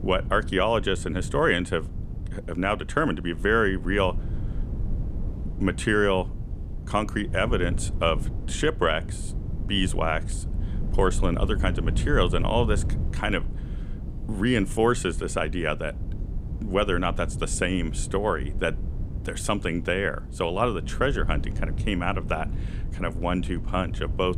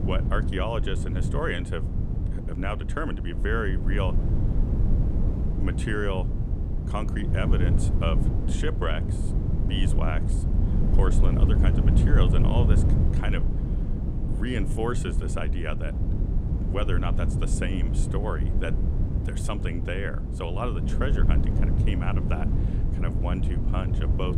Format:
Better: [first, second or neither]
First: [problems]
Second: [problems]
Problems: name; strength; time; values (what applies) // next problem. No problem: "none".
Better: first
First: wind noise on the microphone; occasional gusts; 20 dB below the speech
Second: wind noise on the microphone; heavy; 5 dB below the speech